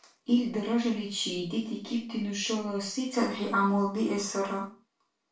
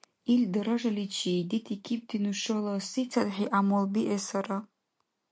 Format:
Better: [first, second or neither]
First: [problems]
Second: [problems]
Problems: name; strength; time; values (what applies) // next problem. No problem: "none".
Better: second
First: room echo; dies away in 0.3 s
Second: none